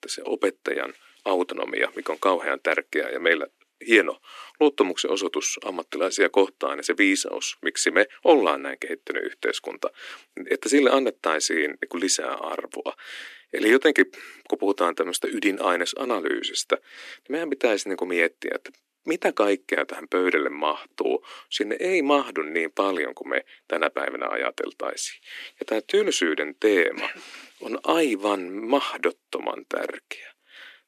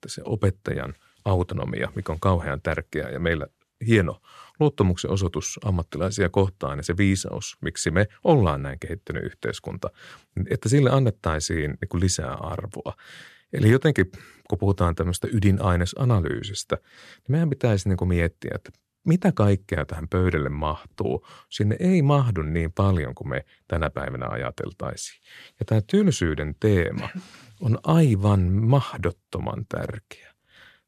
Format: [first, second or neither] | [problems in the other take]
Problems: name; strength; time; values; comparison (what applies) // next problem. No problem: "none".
second | thin; somewhat; fading below 250 Hz